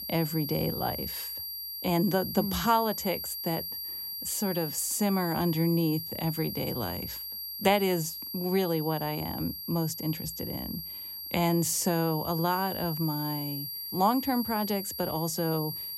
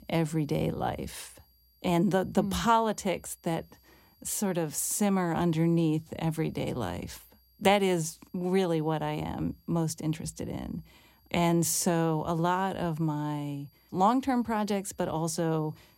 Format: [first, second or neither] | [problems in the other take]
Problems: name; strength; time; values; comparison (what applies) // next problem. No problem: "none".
second | high-pitched whine; loud; throughout; 11.5 kHz, 5 dB below the speech; faint in the second